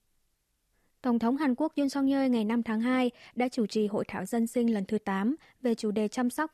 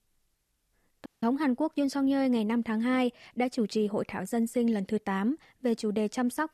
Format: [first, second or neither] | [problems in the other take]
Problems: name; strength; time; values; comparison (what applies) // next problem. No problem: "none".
first | audio cutting out; at 1 s